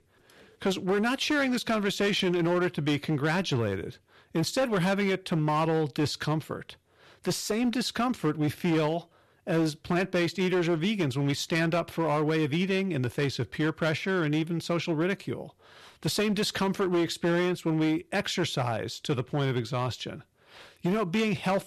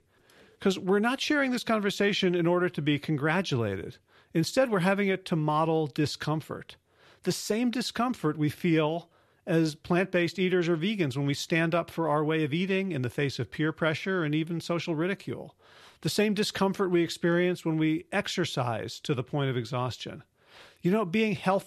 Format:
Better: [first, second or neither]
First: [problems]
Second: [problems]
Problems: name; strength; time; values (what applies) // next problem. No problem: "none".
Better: second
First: distortion; slight; 11% of the sound clipped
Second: none